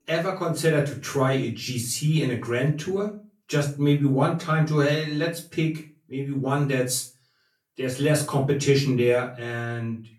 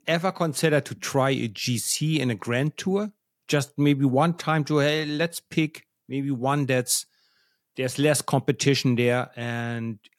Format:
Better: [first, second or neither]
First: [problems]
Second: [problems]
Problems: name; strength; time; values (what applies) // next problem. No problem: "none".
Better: second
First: off-mic speech; far // room echo; slight; dies away in 0.3 s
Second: none